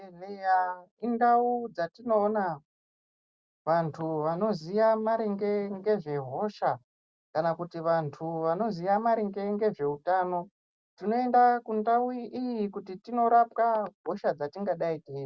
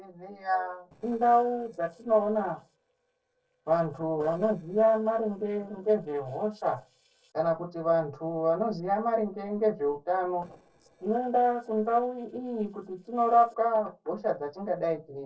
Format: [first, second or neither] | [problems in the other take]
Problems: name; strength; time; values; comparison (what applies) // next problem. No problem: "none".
first | noise reduction (neural separator model SepFormer DNS4)